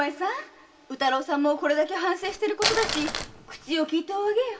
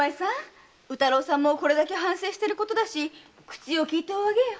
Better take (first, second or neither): second